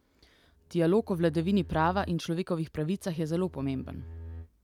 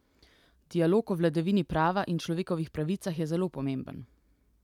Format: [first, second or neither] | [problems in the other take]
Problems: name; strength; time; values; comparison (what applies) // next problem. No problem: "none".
second | background sound (Bowed string instrument); 15 dB below the speech